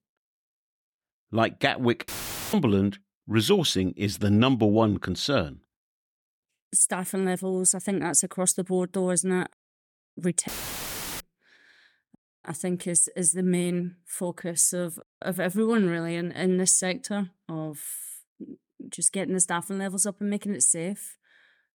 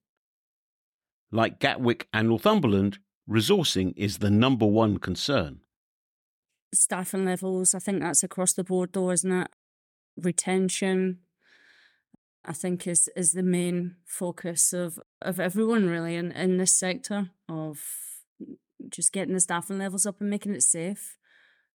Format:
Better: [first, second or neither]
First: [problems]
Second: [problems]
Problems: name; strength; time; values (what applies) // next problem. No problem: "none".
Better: second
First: audio cutting out; filled with static; at 2 s and at 10 s for 0.5 s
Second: none